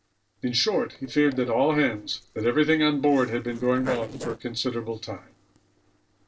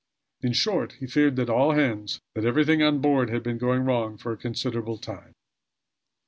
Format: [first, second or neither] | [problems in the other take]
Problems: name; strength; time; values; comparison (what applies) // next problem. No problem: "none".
second | noise reduction (neural separator model SepFormer DNS4)